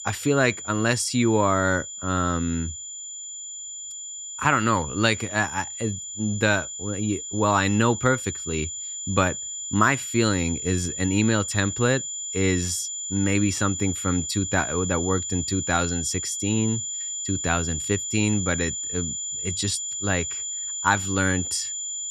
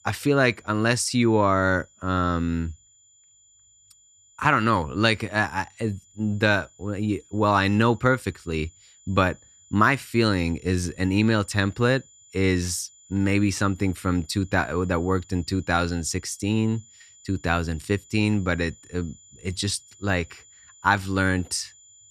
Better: second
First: high-pitched whine; loud; throughout; 7 kHz, 5 dB below the speech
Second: high-pitched whine; faint; throughout; 7 kHz, 25 dB below the speech

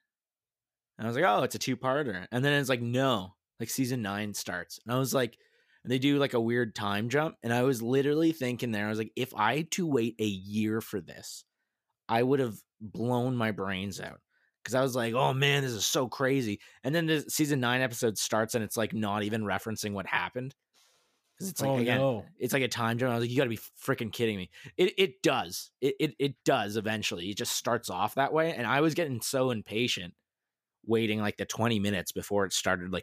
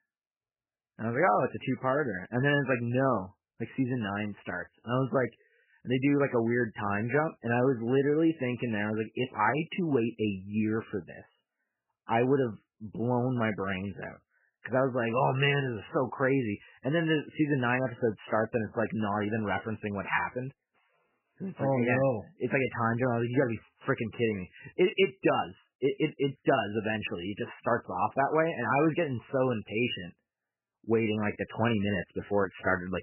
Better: first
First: none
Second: garbled, watery; badly; nothing above 3 kHz

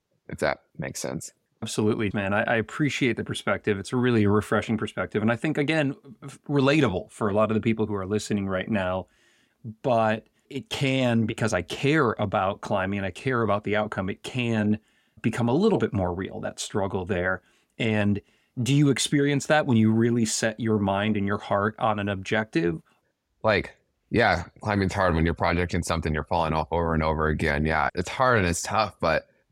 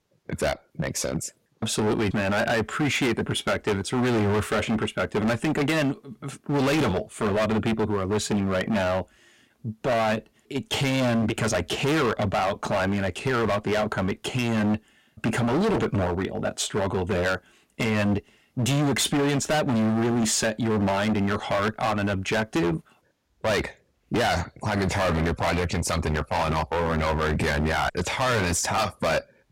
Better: first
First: none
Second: distortion; heavy; 21% of the sound clipped

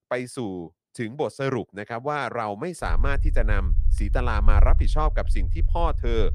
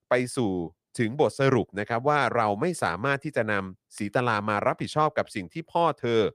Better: second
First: low rumble; noticeable; from 3 s on; 20 dB below the speech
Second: none

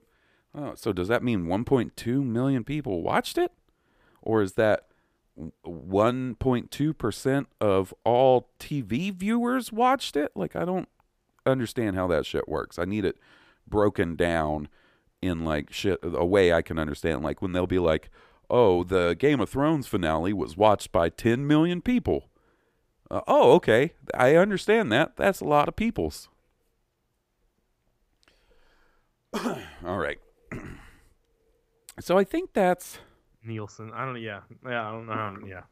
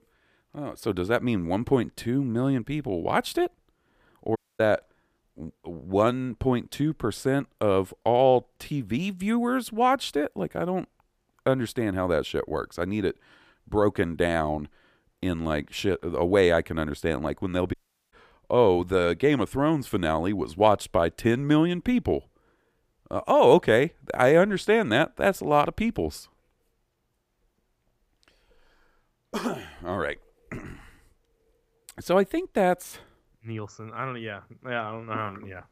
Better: first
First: none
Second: audio cutting out; at 4.5 s and at 18 s

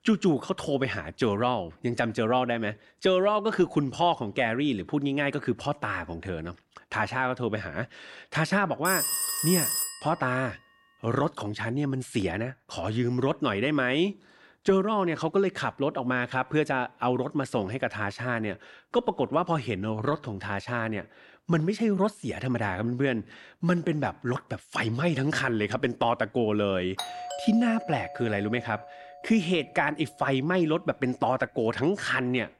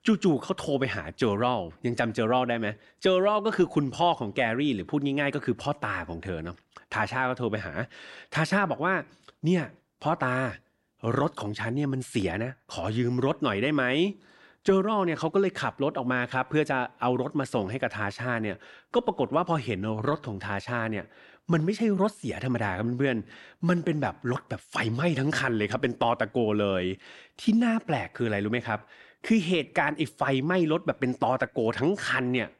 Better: second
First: phone ringing; loud; from 9 to 10 s; peak 3 dB above the speech // doorbell; noticeable; from 27 to 29 s; peak 7 dB below the speech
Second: none

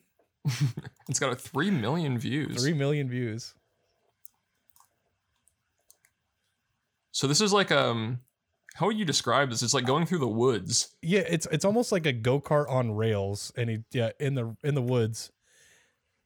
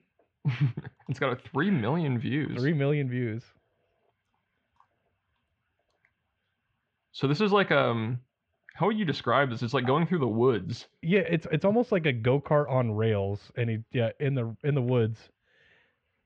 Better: first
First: none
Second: muffled; very; fading above 3 kHz

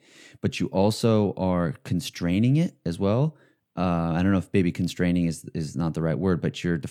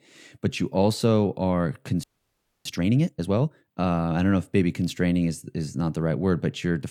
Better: first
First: none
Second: audio freezing; at 2 s for 0.5 s

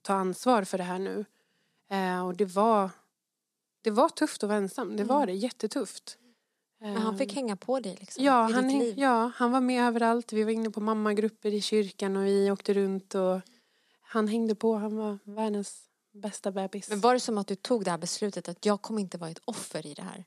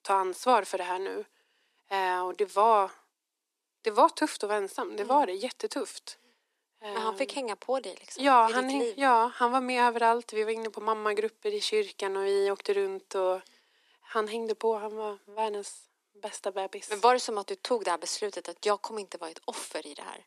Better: first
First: none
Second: thin; somewhat; fading below 300 Hz

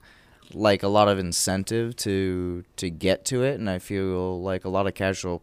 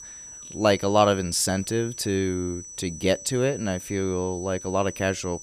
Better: first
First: none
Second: high-pitched whine; noticeable; throughout; 6 kHz, 15 dB below the speech

